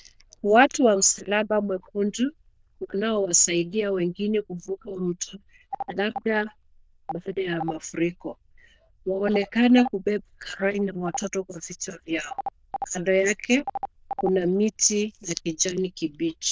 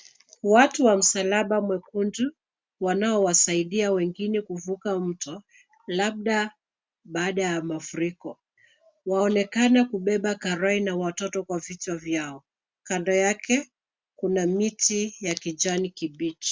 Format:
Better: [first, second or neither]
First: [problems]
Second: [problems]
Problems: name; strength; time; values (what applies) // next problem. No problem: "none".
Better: second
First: noise reduction (neural diffusion model UNIVERSE++)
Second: none